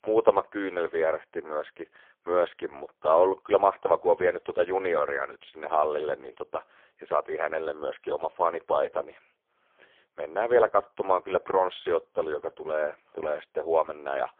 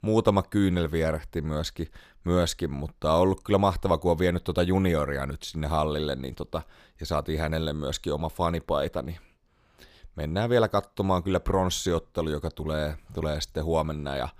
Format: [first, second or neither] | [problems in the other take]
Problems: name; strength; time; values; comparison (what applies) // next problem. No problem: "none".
second | phone-call audio; poor line; nothing above 3.5 kHz